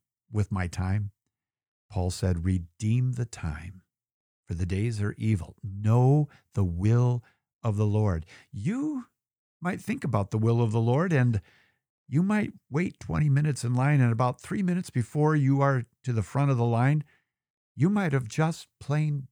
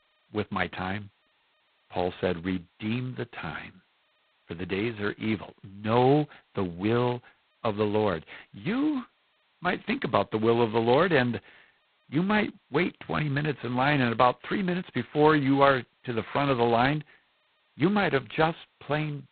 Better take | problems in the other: first | phone-call audio; poor line; nothing above 4 kHz

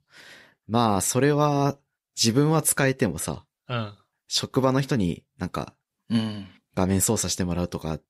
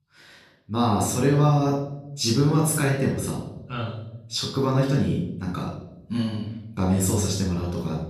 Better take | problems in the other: first | off-mic speech; far // room echo; noticeable; dies away in 0.9 s

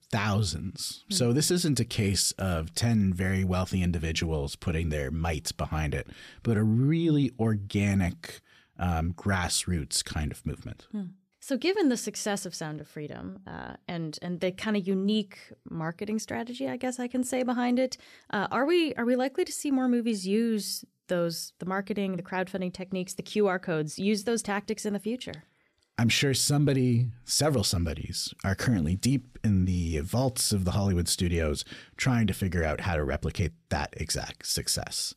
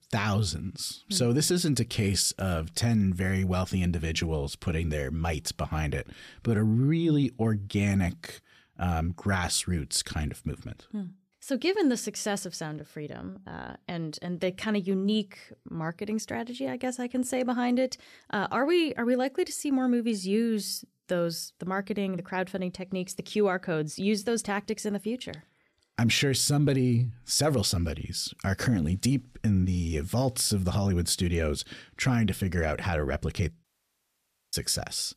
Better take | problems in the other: first | audio cutting out; at 34 s for 1 s

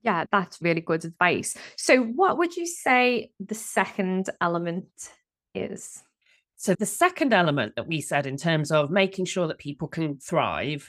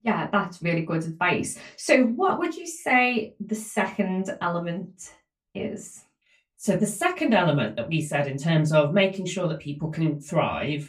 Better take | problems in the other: first | off-mic speech; far // room echo; very slight; dies away in 0.2 s

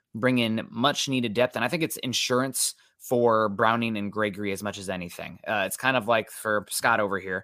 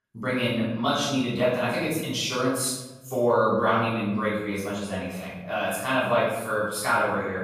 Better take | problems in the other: first | room echo; strong; dies away in 1 s // off-mic speech; far

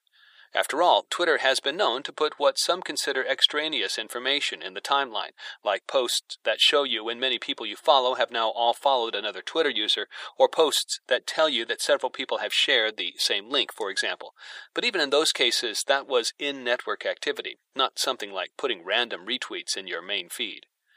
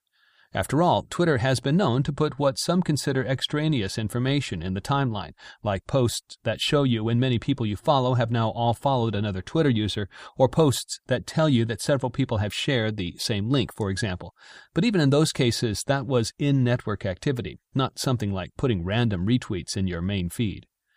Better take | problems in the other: second | thin; very; fading below 400 Hz

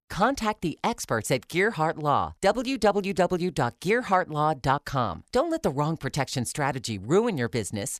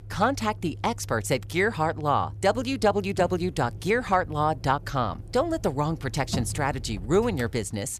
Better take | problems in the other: first | traffic noise; noticeable; throughout; 15 dB below the speech

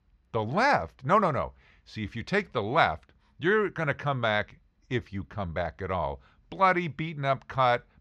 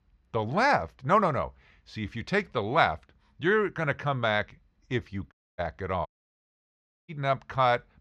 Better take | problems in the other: first | audio cutting out; at 5.5 s and at 6 s for 1 s

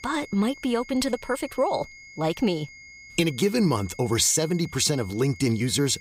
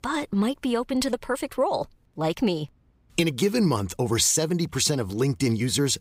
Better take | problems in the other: second | high-pitched whine; noticeable; throughout; 2 kHz, 20 dB below the speech

